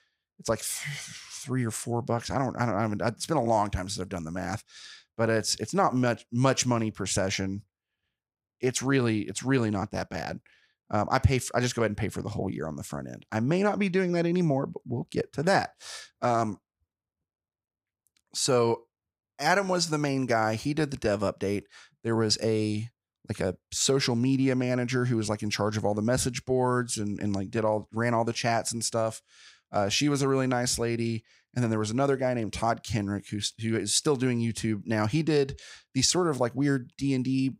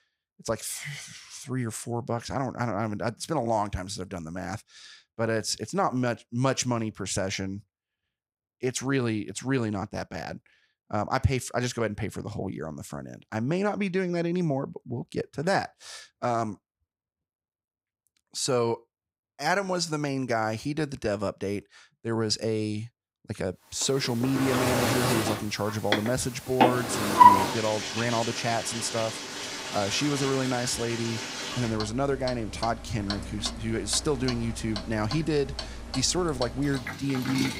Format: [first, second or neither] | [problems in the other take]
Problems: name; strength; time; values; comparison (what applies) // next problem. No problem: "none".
first | household noises; very loud; from 24 s on; 1 dB above the speech